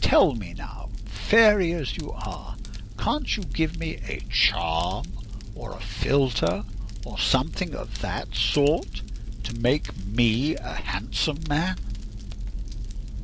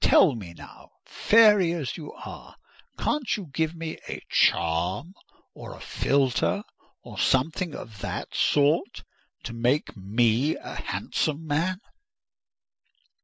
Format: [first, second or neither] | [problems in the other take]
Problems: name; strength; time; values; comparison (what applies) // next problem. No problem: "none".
second | background sound (Fire); 5 dB below the speech